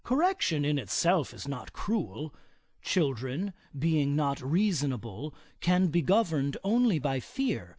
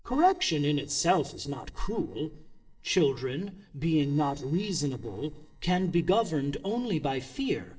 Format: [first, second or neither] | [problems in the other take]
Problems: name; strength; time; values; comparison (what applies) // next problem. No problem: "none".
first | noise reduction (neural separator model SepFormer DNS4)